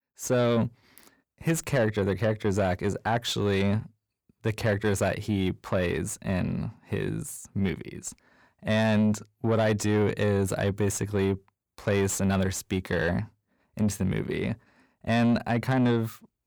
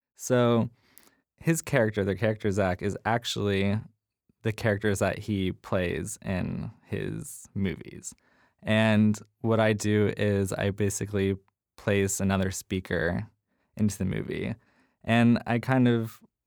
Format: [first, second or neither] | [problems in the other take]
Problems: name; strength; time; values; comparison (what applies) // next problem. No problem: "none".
second | distortion; slight; 10 dB below the speech